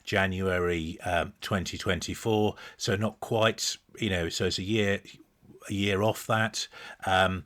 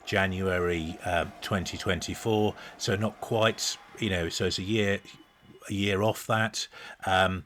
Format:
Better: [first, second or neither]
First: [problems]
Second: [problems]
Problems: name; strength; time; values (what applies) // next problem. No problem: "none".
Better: first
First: none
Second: crowd noise; faint; throughout; 20 dB below the speech